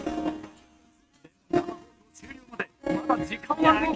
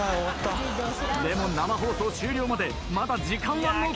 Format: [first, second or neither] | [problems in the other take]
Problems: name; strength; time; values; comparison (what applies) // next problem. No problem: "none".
second | noise reduction (neural mask model RNNoise)